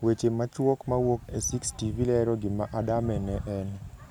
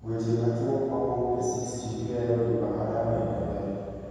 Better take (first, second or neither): first